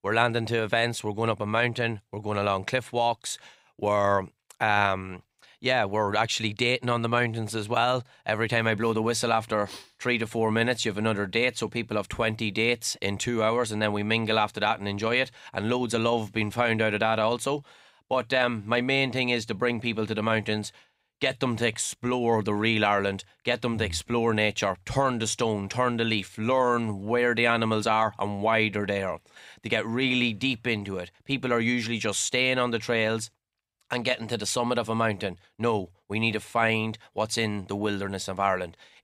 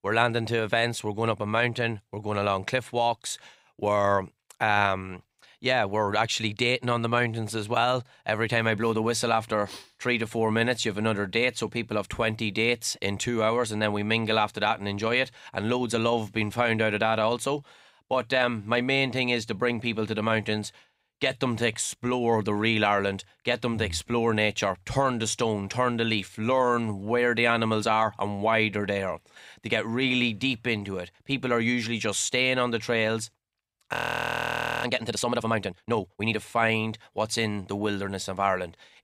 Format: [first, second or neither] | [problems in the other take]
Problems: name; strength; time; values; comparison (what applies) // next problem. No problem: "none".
first | audio freezing; at 34 s for 1 s